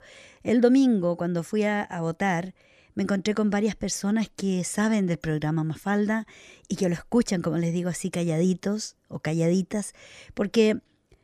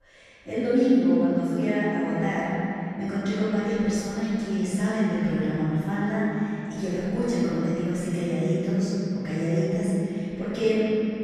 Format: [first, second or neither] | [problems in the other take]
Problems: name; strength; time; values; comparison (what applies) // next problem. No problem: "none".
first | room echo; strong; dies away in 3 s // off-mic speech; far